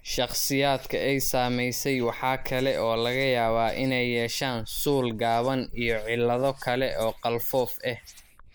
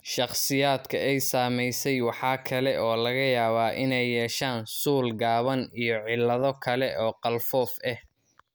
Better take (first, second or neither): second